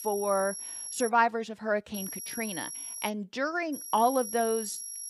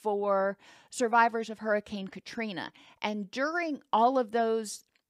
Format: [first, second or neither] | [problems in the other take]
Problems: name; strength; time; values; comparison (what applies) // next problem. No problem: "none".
second | high-pitched whine; loud; until 1 s, from 2 to 3 s and from 3.5 s on; 11 kHz, 7 dB below the speech